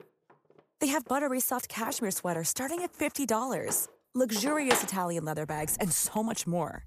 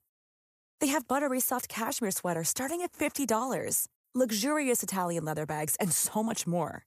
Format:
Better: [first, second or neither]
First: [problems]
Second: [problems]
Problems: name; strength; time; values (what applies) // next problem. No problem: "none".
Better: second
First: household noises; loud; throughout; 7 dB below the speech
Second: none